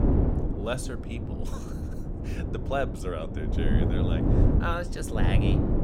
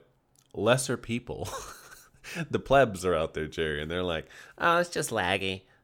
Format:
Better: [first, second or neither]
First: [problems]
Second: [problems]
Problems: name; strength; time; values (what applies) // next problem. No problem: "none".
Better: second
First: wind noise on the microphone; heavy; 2 dB below the speech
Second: none